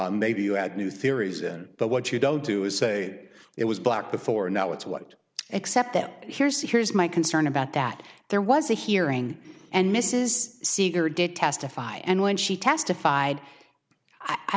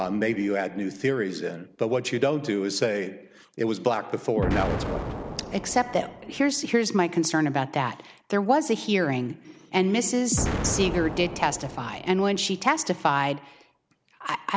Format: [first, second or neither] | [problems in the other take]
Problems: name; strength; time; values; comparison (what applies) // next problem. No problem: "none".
first | background sound (Explosion); 10 dB below the speech